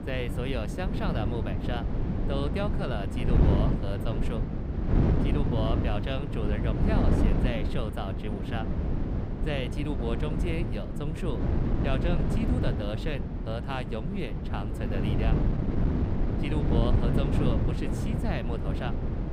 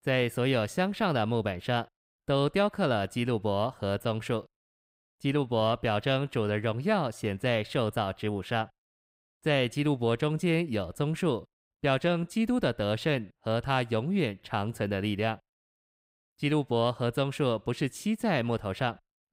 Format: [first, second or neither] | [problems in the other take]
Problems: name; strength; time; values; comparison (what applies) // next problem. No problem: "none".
second | wind noise on the microphone; heavy; 1 dB below the speech